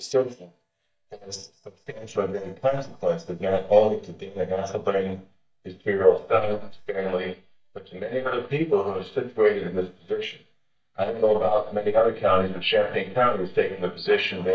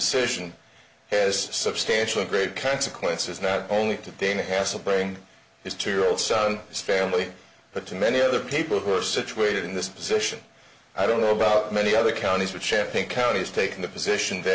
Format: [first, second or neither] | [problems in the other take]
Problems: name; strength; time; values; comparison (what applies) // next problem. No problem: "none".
second | noise reduction (neural mask model DeepFilterNet 3)